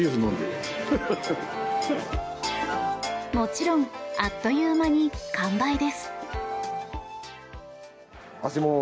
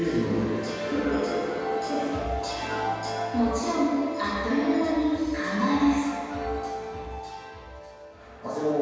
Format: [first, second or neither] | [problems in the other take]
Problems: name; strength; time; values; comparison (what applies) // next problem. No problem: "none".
first | room echo; dies away in 1.9 s